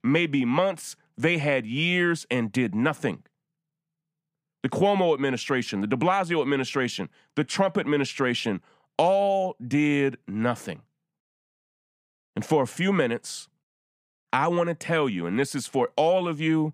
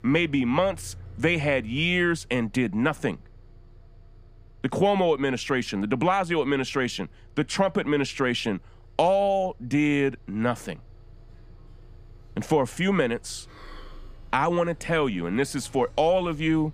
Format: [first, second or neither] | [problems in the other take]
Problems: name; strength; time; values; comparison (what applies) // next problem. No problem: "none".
first | traffic noise; faint; throughout; 25 dB below the speech